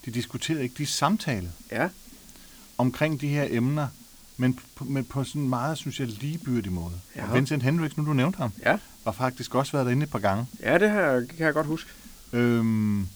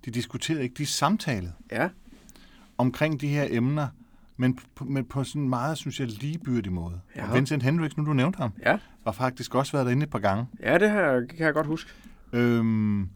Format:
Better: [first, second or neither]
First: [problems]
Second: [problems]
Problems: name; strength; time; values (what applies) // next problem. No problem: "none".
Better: second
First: hiss; faint; throughout; 20 dB below the speech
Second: none